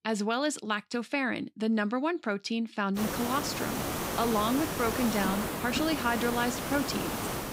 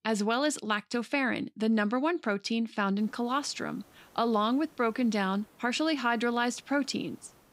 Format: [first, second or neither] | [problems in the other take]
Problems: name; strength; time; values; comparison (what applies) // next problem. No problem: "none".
second | hiss; loud; from 3 s on; 2 dB below the speech; faint in the second